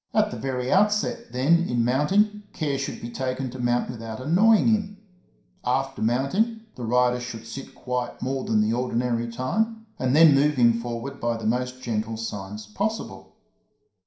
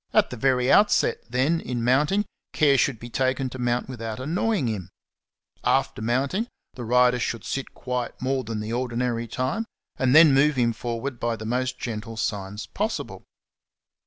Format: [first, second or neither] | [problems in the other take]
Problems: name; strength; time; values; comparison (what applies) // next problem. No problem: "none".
second | room echo; dies away in 0.5 s